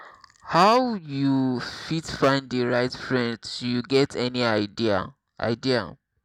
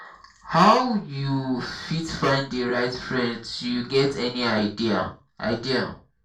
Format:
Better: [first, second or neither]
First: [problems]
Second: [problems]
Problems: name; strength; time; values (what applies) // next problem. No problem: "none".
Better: first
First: none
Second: room echo; dies away in 0.3 s